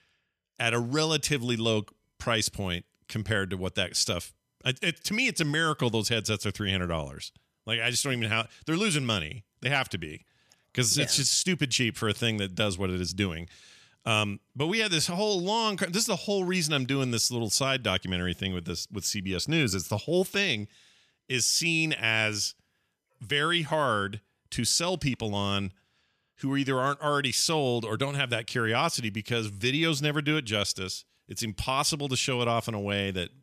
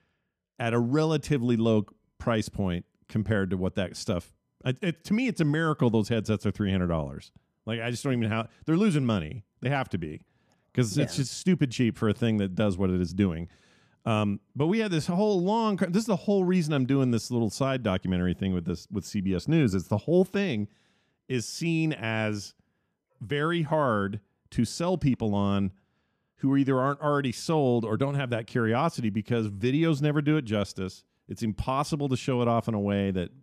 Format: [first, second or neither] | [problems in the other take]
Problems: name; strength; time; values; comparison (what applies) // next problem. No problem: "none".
first | muffled; slightly; fading above 1.5 kHz